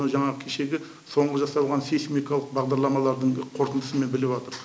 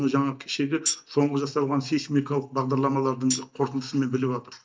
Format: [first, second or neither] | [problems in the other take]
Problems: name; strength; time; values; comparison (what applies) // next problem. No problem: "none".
first | noise reduction (neural mask model DeepFilterNet 3)